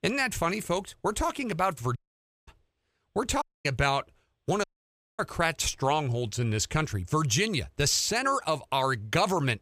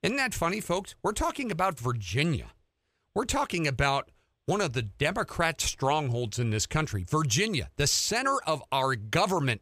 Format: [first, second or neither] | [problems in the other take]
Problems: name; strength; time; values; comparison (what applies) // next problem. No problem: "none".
second | audio cutting out; at 2 s for 0.5 s, at 3.5 s and at 4.5 s for 0.5 s